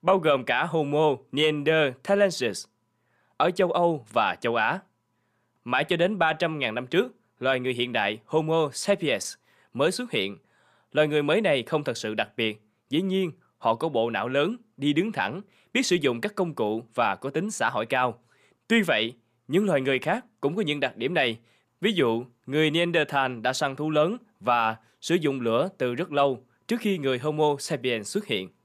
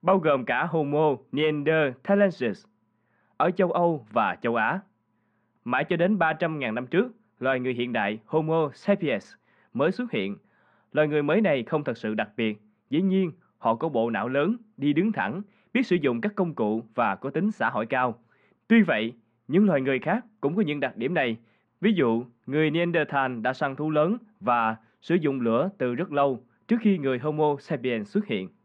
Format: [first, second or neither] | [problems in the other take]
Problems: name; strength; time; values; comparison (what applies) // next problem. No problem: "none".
first | muffled; very; fading above 2 kHz